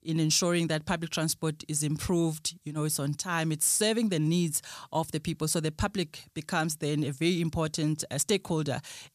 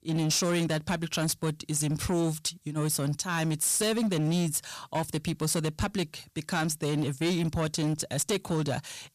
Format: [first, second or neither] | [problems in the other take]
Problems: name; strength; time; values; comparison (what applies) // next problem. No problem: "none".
first | distortion; slight; 14% of the sound clipped